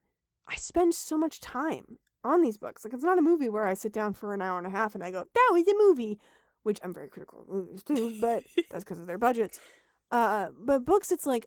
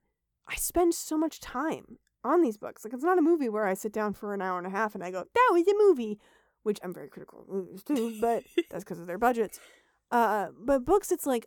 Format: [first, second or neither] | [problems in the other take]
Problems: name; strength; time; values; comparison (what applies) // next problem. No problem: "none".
second | garbled, watery; slightly; nothing above 18.5 kHz